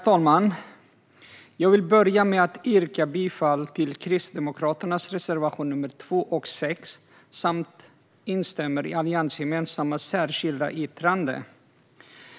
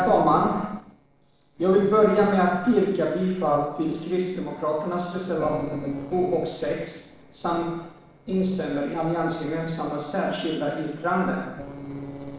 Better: first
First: none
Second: noise reduction (neural separator model SepFormer DNS4)

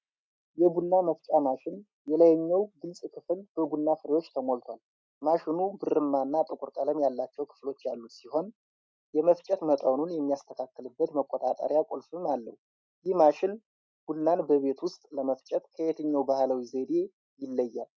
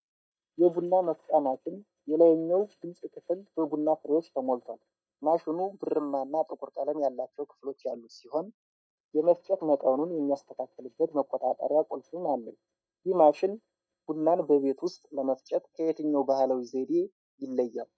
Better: first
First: none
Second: noise reduction (neural mask model DeepFilterNet 3)

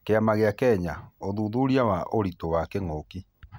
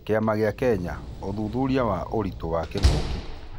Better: first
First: none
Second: background sound (Slam); 4 dB below the speech

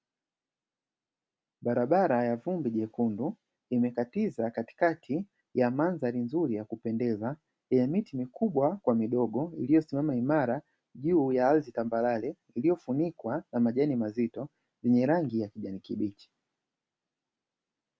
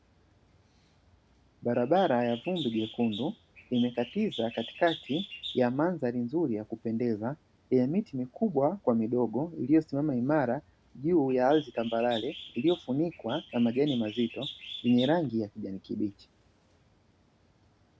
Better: first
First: none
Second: background sound (Bird); 18 dB below the speech

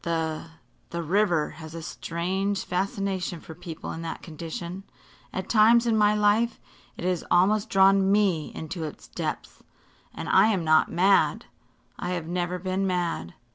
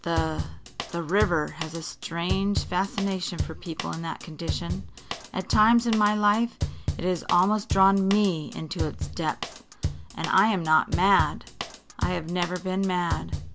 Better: first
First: none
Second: background sound (Drum / Drum kit); 7 dB below the speech

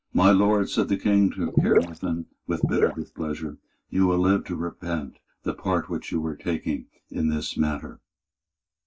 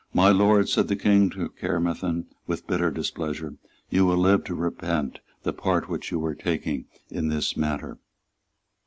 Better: second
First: noise reduction (neural mask model DeepFilterNet 3)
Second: none

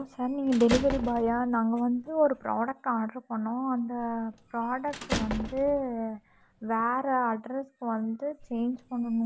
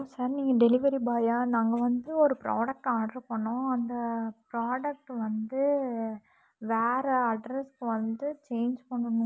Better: second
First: background sound (Squeak / Slam / Human group actions); 12 dB below the speech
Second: none

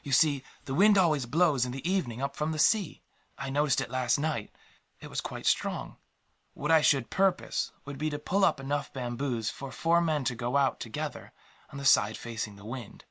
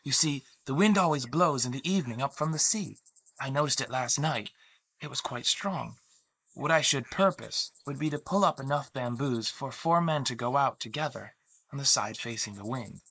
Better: first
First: none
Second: noise reduction (neural mask model Resemble Enhance denoiser)

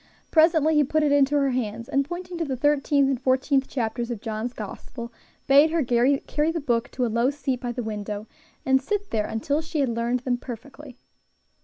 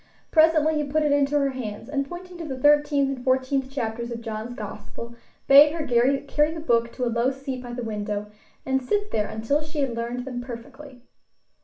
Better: first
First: none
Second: room echo; dies away in 0.3 s

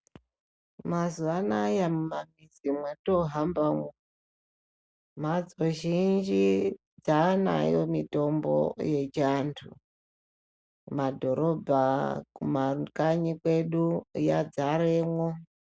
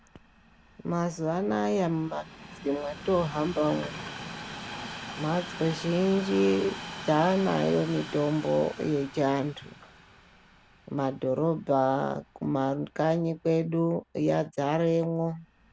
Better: first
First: none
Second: background sound (Train); 15 dB below the speech

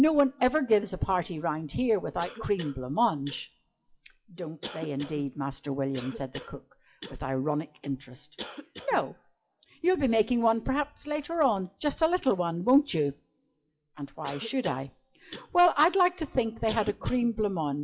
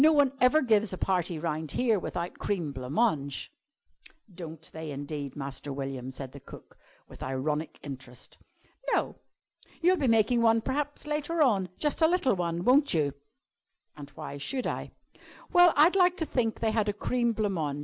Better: second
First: noise reduction (classical method WPE with log-MMSE)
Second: none

